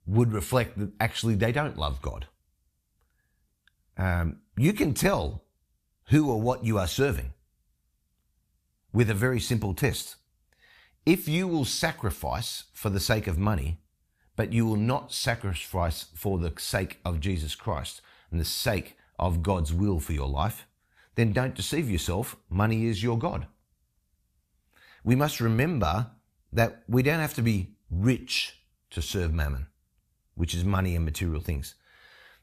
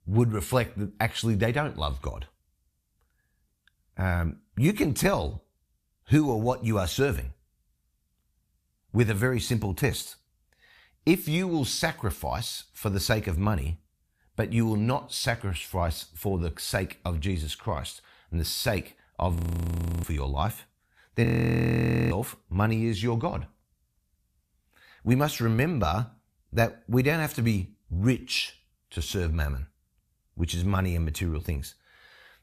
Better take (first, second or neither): first